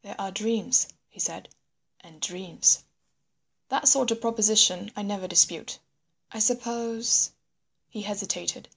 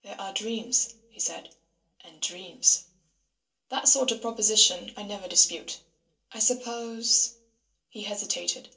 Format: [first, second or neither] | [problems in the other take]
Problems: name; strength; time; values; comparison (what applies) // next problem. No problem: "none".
first | room echo; dies away in 0.2 s